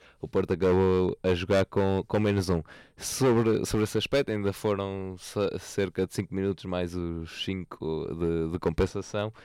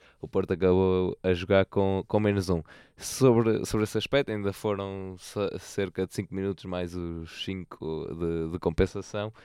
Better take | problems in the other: second | distortion; slight; 5% of the sound clipped

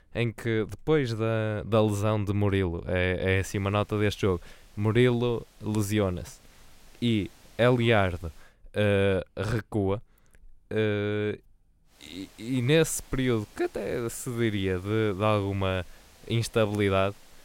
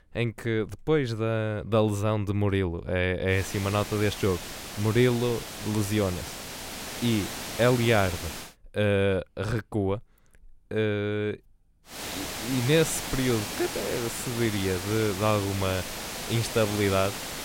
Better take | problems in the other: first | hiss; loud; from 3.5 to 8.5 s and from 12 s on; 7 dB below the speech; faint in the first

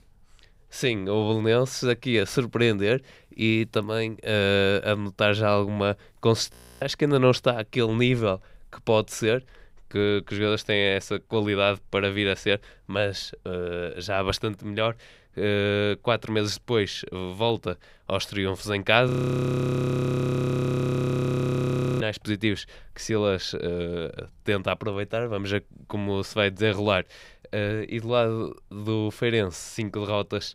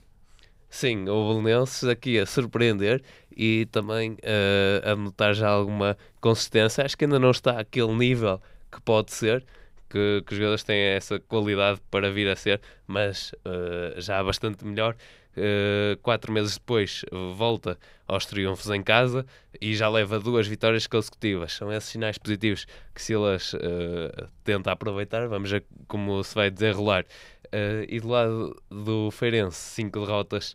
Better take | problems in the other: second | audio freezing; at 6.5 s and at 19 s for 3 s

